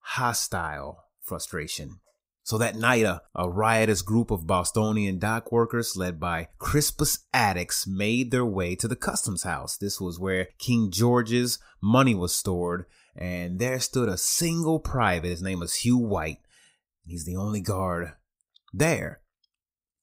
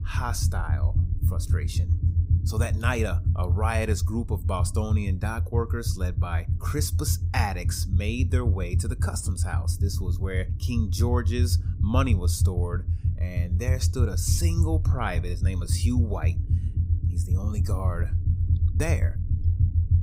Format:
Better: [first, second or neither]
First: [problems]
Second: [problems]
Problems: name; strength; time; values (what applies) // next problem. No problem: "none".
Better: first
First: none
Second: low rumble; loud; throughout; 9 dB below the speech